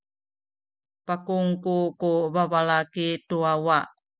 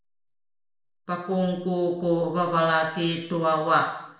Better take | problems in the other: first | room echo; dies away in 0.7 s

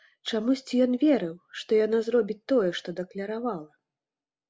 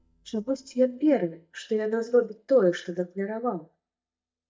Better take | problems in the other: first | noise reduction (neural mask model DeepFilterNet 3)

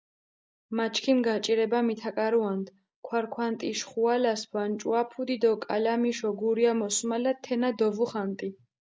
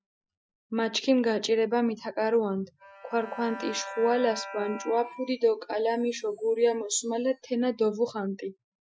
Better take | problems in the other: first | noise reduction (classical method Wiener filter)

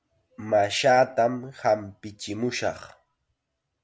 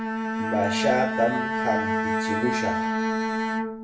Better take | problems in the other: first | background sound (Bowed string instrument); 3 dB above the speech // room echo; dies away in 0.4 s

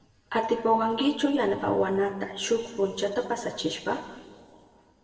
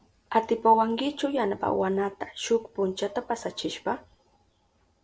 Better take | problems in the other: second | room echo; dies away in 2.1 s

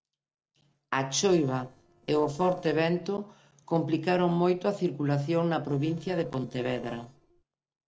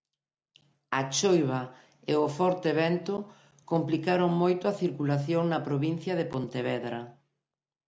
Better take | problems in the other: second | noise reduction (neural separator model SepFormer DNS4)

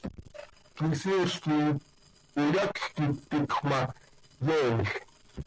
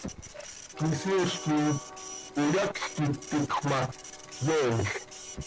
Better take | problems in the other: first | background sound (Train + Printer); 13 dB below the speech

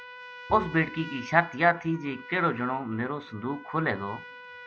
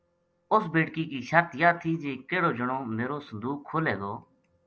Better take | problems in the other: second | background sound (Bowed string instrument + Trumpet); 15 dB below the speech

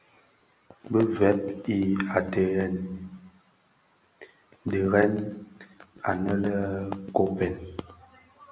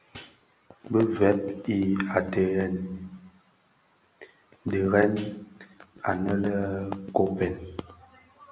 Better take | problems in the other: first | background sound (Hi-hat); 20 dB below the speech

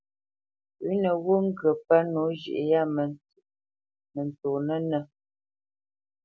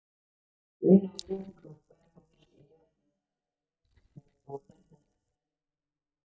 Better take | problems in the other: first | noise reduction (neural mask model DeepFilterNet 3)

